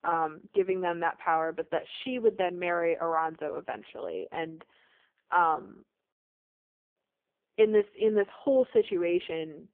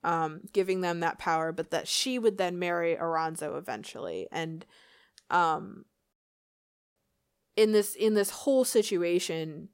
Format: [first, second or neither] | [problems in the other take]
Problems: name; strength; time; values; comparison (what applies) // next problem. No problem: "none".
second | phone-call audio; poor line; nothing above 3.5 kHz